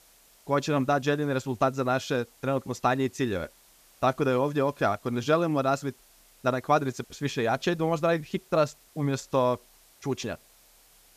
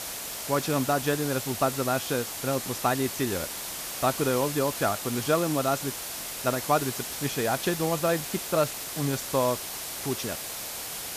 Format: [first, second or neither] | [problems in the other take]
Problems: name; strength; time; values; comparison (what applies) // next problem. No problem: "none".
first | hiss; loud; throughout; 4 dB below the speech; faint in the first